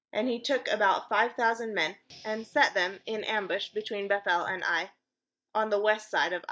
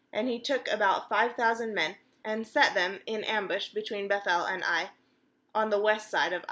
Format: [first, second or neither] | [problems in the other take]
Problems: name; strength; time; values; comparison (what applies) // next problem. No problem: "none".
second | noise reduction (neural mask model DeepFilterNet 3)